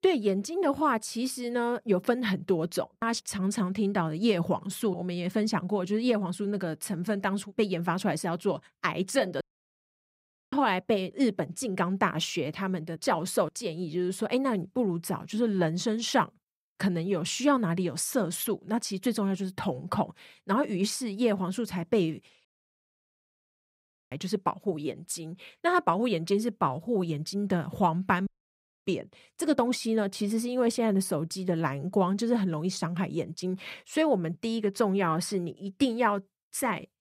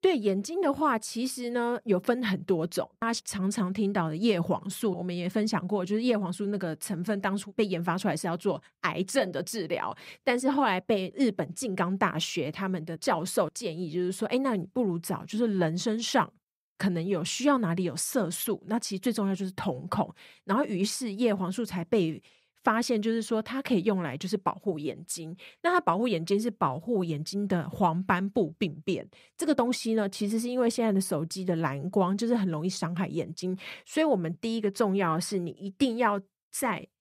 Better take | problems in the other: second | audio cutting out; at 9.5 s for 1 s, at 22 s for 1.5 s and at 28 s for 0.5 s

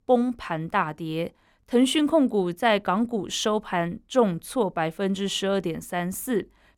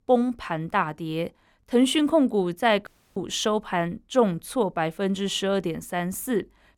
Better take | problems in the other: first | audio cutting out; at 3 s

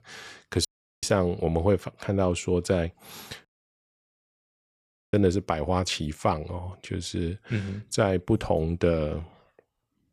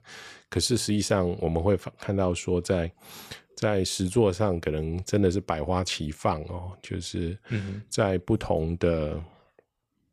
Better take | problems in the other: second | audio cutting out; at 0.5 s and at 3.5 s for 1.5 s

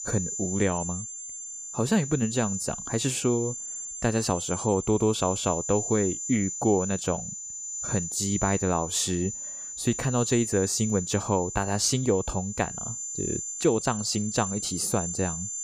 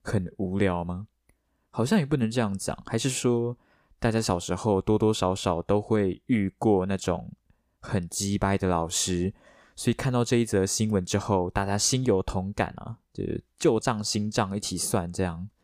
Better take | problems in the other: second | high-pitched whine; loud; throughout; 7 kHz, 5 dB below the speech

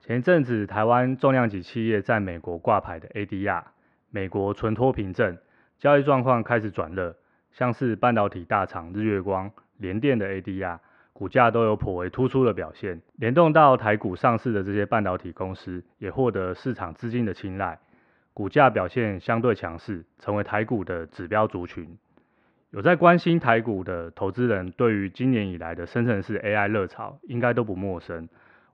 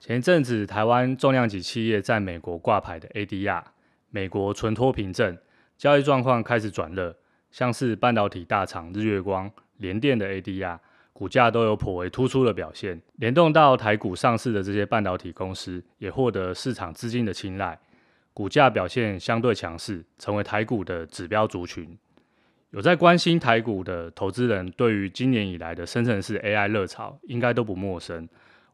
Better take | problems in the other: second | muffled; very; fading above 2 kHz

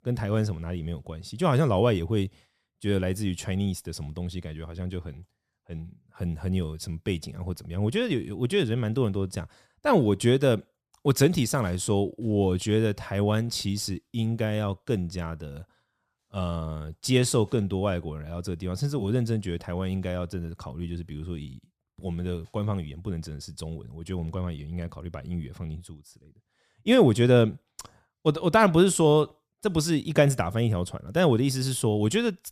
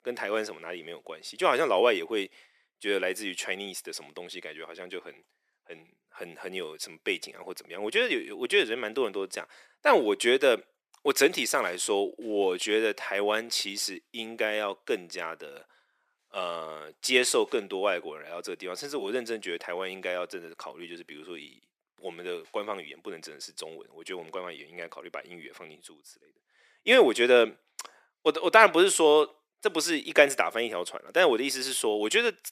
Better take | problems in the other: first | thin; very; fading below 350 Hz

